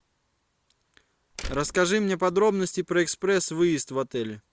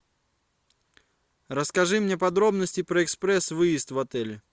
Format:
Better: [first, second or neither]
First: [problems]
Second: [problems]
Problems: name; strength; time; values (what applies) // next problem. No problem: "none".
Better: second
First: background sound (Slam); 12 dB below the speech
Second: none